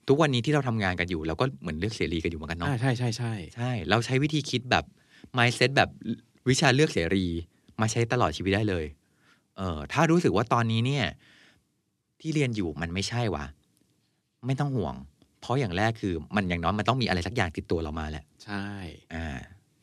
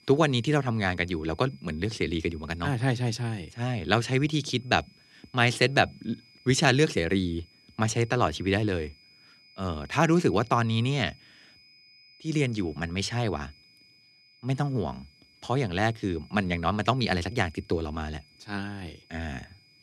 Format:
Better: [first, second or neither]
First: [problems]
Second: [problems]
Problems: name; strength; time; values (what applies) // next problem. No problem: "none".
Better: first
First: none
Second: high-pitched whine; faint; throughout; 5 kHz, 30 dB below the speech